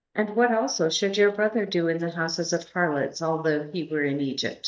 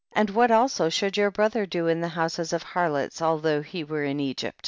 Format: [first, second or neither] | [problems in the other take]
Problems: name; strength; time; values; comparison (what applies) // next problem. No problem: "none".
second | noise reduction (neural mask model DeepFilterNet 3)